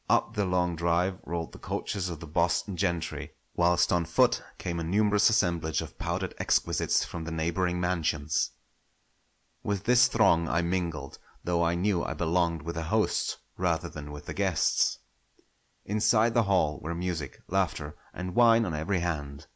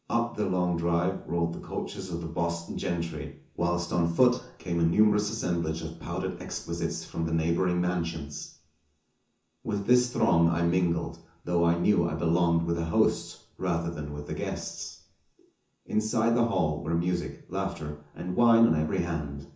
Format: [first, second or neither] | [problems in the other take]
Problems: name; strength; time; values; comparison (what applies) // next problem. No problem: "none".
first | room echo; dies away in 0.6 s